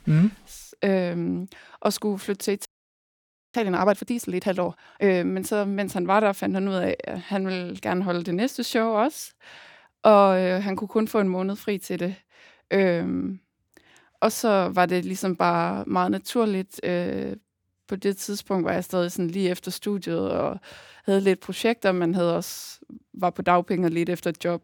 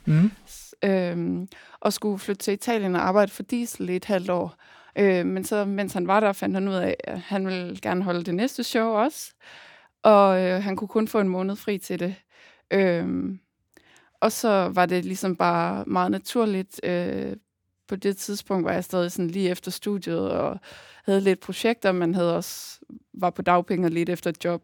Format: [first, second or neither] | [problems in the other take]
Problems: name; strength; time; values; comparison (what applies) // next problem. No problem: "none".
second | audio freezing; at 2.5 s for 1 s